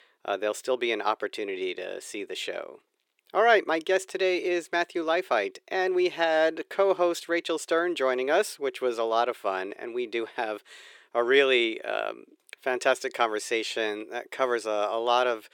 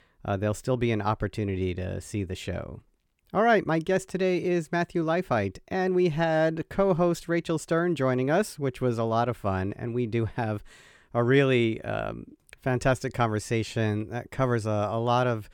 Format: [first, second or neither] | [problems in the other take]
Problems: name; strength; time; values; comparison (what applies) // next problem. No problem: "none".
second | thin; very; fading below 400 Hz